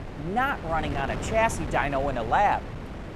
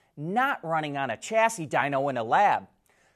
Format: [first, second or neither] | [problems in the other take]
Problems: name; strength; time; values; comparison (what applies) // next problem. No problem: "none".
second | wind noise on the microphone; occasional gusts; 15 dB below the speech